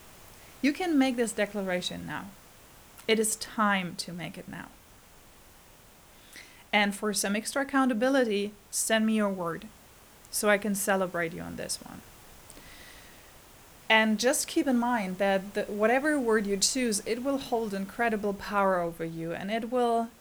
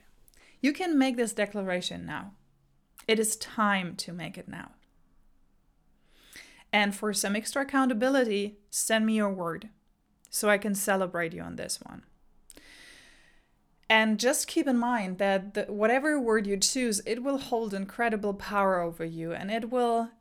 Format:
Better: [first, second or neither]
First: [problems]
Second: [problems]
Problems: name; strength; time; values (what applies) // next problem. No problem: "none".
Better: second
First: hiss; faint; throughout; 25 dB below the speech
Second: none